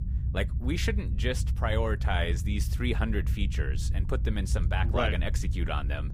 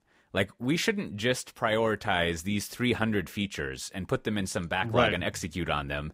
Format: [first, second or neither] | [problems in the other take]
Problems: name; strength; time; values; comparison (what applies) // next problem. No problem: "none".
second | low rumble; noticeable; throughout; 15 dB below the speech